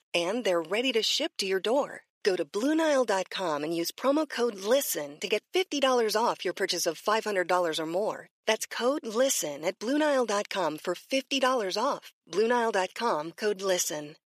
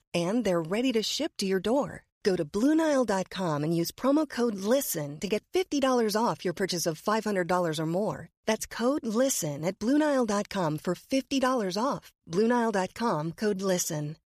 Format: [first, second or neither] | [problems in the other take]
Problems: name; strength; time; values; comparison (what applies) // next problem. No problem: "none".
second | thin; somewhat; fading below 400 Hz